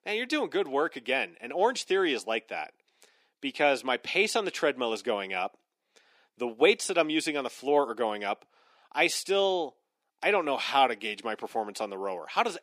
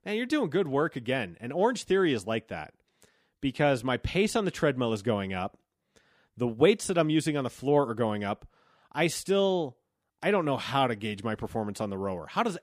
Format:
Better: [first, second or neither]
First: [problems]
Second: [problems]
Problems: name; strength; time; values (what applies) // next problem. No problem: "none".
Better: second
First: thin; somewhat; fading below 300 Hz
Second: none